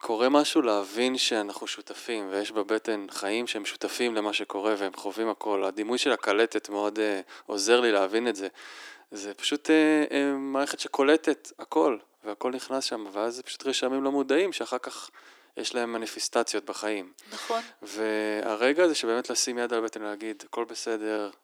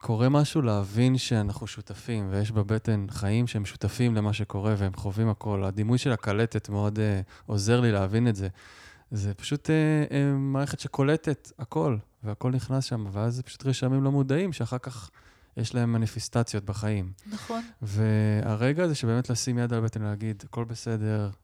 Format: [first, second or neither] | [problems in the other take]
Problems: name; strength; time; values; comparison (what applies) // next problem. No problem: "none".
second | thin; very; fading below 300 Hz